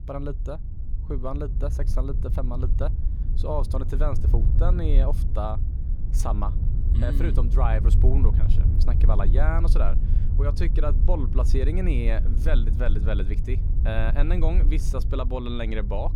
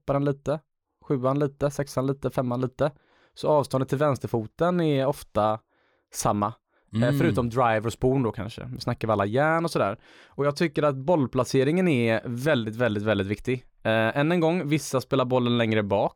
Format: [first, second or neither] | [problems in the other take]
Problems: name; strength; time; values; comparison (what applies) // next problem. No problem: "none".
second | low rumble; loud; throughout; 9 dB below the speech